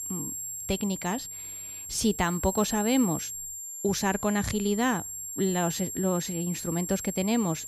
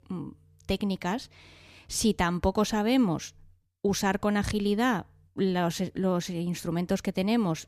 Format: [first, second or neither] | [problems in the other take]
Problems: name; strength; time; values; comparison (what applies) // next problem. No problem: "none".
second | high-pitched whine; loud; throughout; 7.5 kHz, 6 dB below the speech